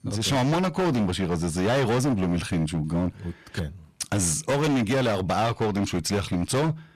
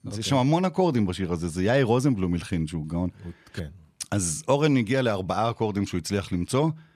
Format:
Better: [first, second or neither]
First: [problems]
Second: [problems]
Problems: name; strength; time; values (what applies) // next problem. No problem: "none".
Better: second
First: distortion; heavy; 22% of the sound clipped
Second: none